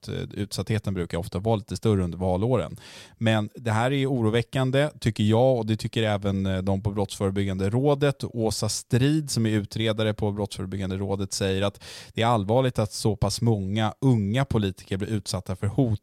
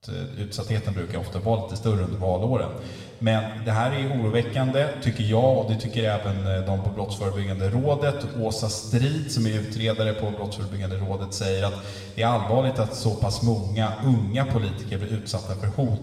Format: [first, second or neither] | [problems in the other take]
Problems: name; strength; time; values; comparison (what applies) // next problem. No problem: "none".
first | room echo; noticeable; dies away in 1.9 s